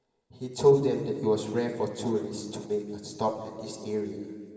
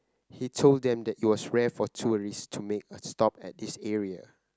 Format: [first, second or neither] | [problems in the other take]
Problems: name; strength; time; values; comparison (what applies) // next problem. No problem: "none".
second | room echo; dies away in 1.9 s